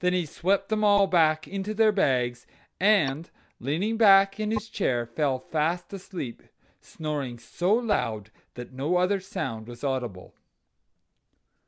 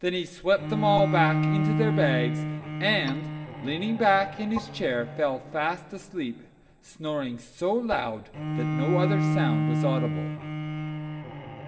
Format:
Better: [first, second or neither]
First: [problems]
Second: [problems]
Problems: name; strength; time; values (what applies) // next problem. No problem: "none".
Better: first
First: none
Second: background sound (Bowed string instrument); 1 dB below the speech // room echo; dies away in 2.4 s